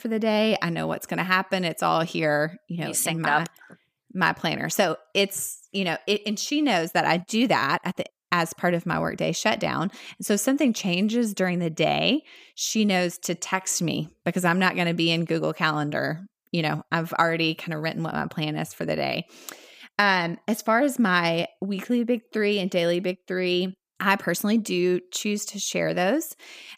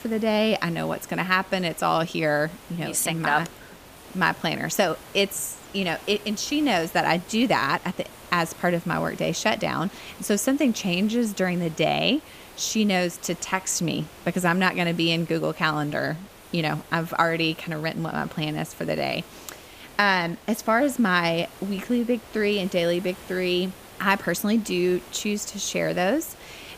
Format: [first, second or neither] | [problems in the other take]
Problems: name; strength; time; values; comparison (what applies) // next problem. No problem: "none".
first | hiss; noticeable; throughout; 20 dB below the speech